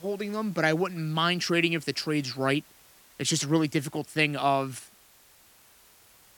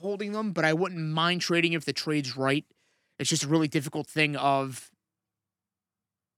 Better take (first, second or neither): second